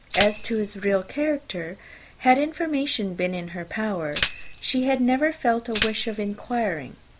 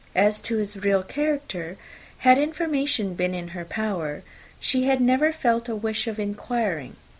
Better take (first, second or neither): second